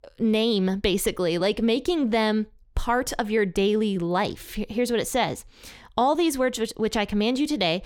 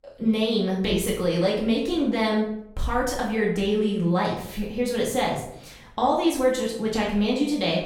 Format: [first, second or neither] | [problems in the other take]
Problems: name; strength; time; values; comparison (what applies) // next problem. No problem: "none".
first | off-mic speech; far // room echo; noticeable; dies away in 0.6 s